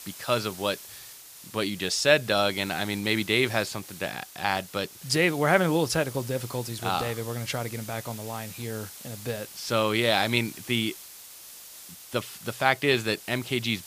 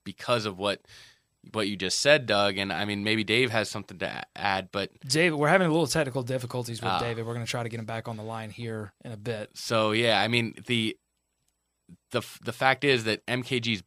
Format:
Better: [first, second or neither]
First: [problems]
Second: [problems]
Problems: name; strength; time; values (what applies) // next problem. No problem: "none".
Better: second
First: hiss; noticeable; throughout; 15 dB below the speech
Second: none